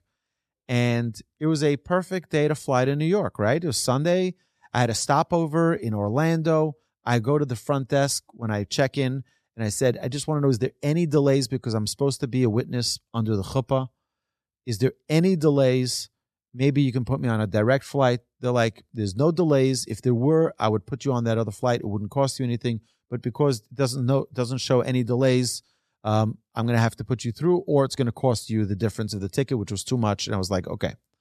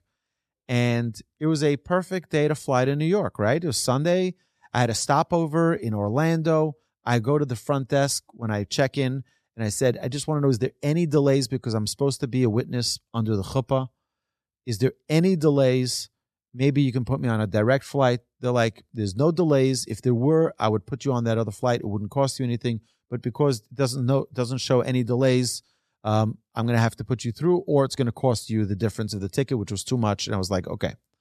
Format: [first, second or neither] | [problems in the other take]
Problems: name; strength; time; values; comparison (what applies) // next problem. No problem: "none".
neither | none